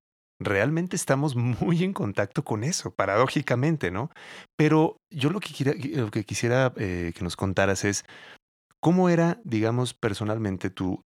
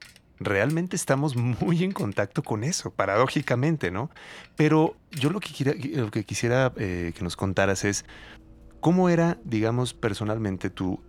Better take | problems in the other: first | traffic noise; faint; throughout; 25 dB below the speech

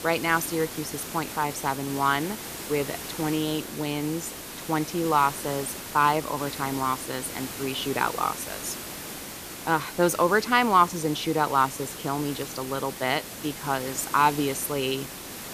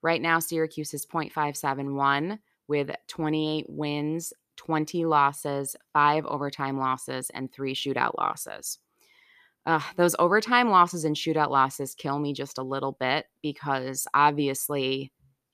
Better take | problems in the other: second | hiss; loud; throughout; 9 dB below the speech

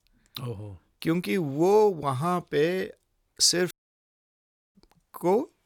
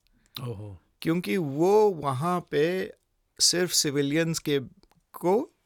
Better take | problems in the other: second | audio cutting out; at 3.5 s for 1 s

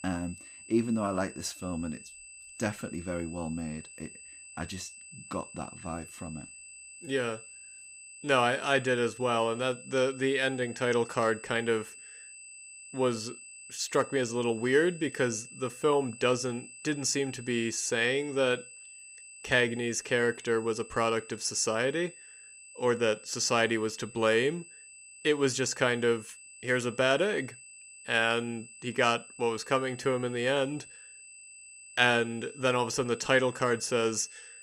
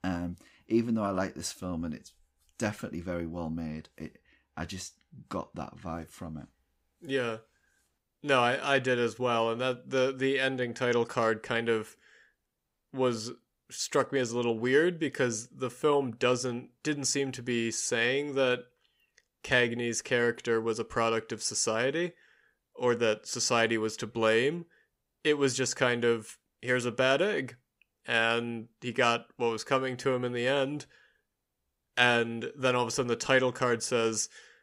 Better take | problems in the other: second | high-pitched whine; noticeable; throughout; 8 kHz, 15 dB below the speech

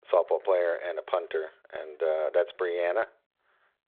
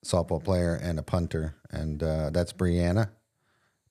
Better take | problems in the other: second | phone-call audio; nothing above 3.5 kHz

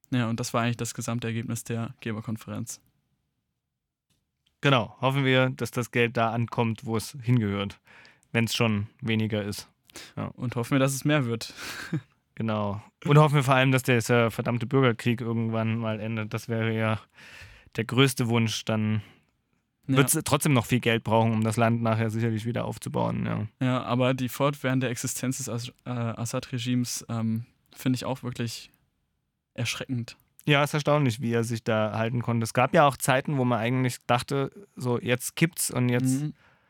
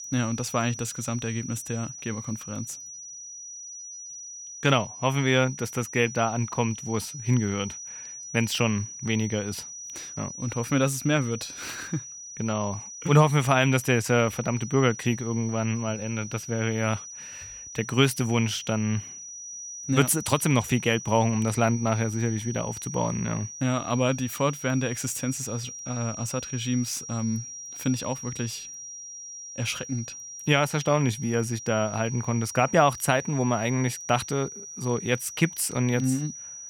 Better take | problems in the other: first | high-pitched whine; noticeable; throughout; 6 kHz, 10 dB below the speech

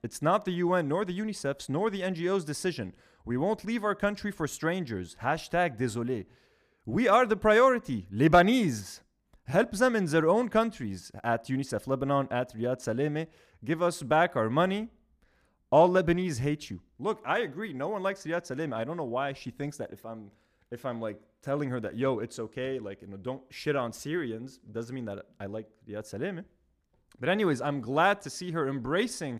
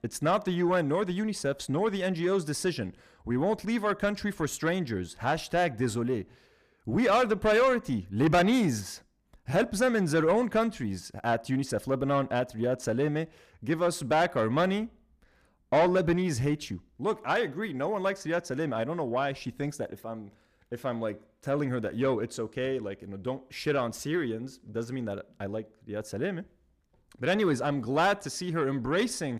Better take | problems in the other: first | distortion; slight; 10 dB below the speech

